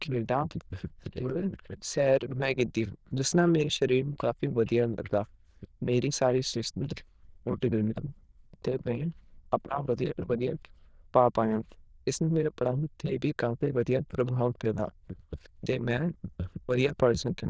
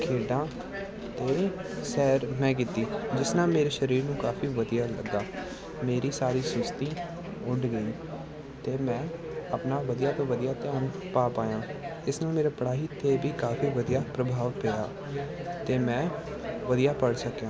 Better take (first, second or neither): second